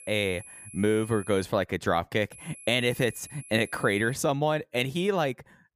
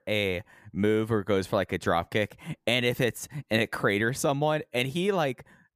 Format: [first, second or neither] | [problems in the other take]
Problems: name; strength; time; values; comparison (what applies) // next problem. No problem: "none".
second | high-pitched whine; noticeable; until 1.5 s and from 2.5 to 4 s; 11 kHz, 15 dB below the speech